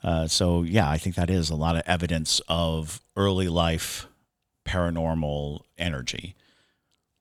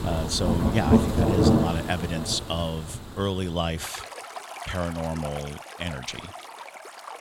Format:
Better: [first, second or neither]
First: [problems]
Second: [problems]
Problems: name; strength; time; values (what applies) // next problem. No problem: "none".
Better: first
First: none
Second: rain or running water; very loud; throughout; 3 dB above the speech